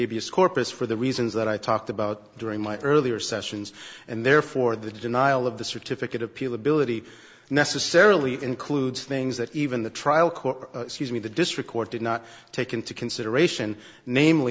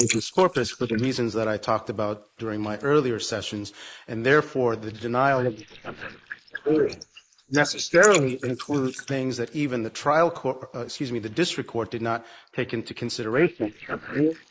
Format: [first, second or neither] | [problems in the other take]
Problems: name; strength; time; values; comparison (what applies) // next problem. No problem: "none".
first | noise reduction (neural mask model Resemble Enhance denoiser)